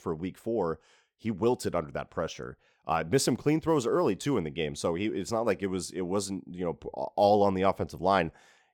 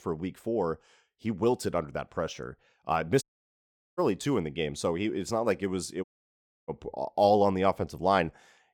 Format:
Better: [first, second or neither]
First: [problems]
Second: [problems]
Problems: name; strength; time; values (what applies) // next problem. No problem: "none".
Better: first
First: none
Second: audio cutting out; at 3 s for 1 s and at 6 s for 0.5 s